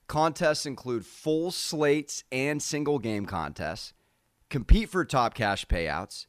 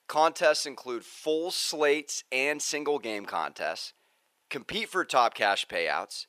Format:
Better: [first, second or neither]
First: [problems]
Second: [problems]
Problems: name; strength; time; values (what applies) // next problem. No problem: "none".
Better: first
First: none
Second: thin; somewhat; fading below 550 Hz